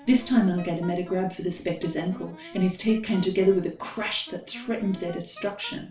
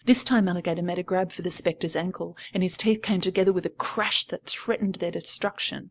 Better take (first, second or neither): second